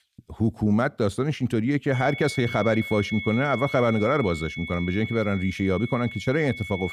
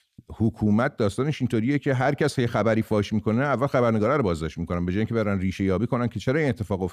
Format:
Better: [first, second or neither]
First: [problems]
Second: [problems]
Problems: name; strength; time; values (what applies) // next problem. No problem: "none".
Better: second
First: high-pitched whine; loud; from 2 s on; 2 kHz, 9 dB below the speech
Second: none